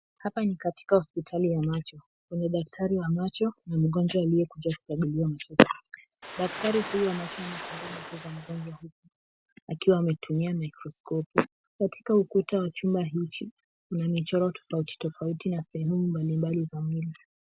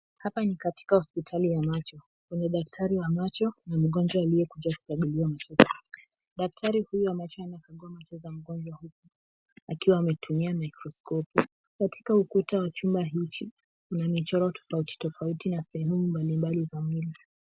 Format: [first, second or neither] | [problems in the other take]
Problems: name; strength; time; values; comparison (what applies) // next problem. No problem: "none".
second | background sound (Ocean); 11 dB below the speech